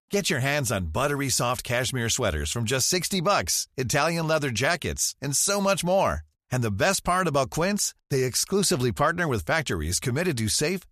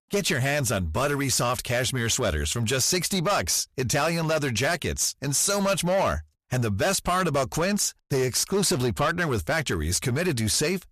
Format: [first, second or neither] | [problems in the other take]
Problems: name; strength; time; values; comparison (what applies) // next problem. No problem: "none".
first | distortion; slight; 11% of the sound clipped